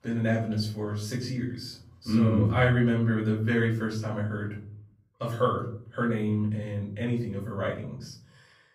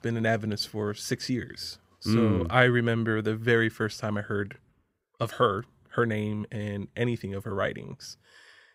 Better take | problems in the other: second | off-mic speech; far // room echo; slight; dies away in 0.6 s

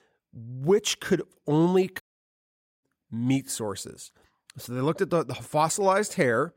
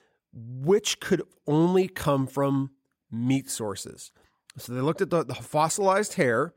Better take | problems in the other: second | audio cutting out; at 2 s for 1 s

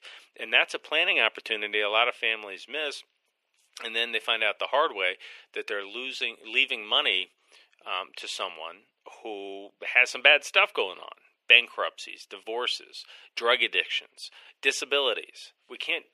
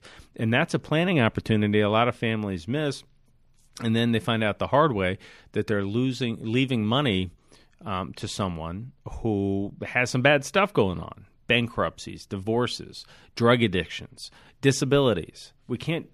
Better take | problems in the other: second | thin; very; fading below 450 Hz

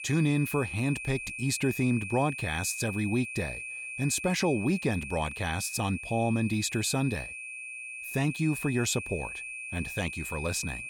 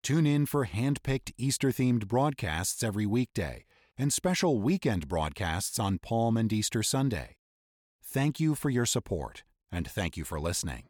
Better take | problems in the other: second | high-pitched whine; loud; throughout; 2.5 kHz, 7 dB below the speech

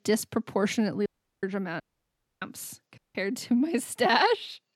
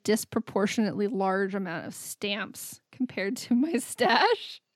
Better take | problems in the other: second | audio cutting out; at 1 s, at 2 s for 0.5 s and at 3 s

